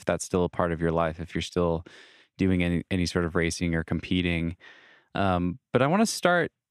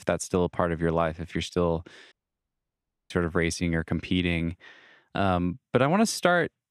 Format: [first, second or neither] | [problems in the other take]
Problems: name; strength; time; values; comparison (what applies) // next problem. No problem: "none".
first | audio cutting out; at 2 s for 1 s